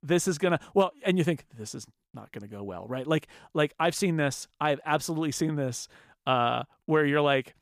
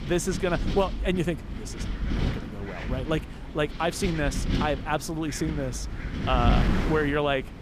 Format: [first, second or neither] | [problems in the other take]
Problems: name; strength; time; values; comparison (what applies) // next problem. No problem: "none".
first | wind noise on the microphone; heavy; 9 dB below the speech